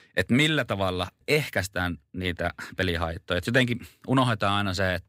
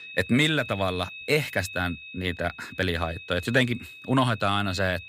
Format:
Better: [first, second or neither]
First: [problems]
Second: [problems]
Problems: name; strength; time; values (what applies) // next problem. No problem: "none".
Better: first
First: none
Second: high-pitched whine; noticeable; throughout; 2.5 kHz, 15 dB below the speech